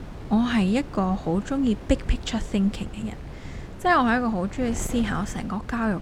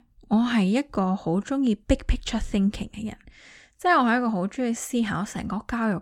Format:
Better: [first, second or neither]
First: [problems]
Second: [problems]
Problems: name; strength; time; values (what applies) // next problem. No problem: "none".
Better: second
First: wind noise on the microphone; occasional gusts; 15 dB below the speech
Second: none